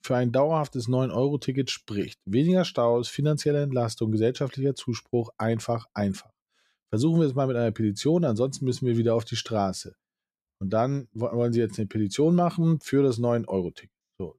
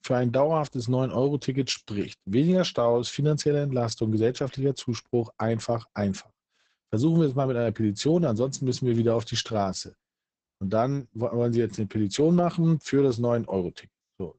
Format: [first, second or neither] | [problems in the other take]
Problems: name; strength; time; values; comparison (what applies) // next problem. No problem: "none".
first | garbled, watery; badly; nothing above 8 kHz